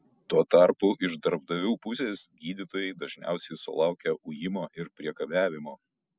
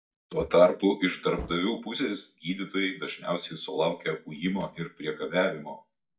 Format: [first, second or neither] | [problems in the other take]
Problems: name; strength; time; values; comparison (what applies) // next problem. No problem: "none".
first | noise reduction (neural mask model DeepFilterNet 3)